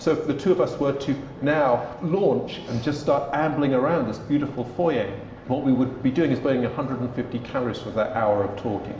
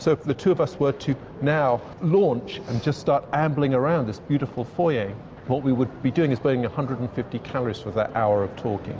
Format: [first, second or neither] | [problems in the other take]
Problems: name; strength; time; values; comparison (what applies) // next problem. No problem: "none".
second | room echo; dies away in 0.9 s